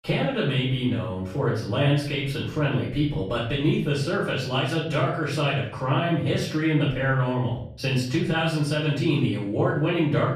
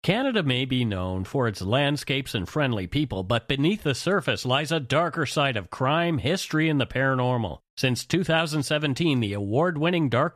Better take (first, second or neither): second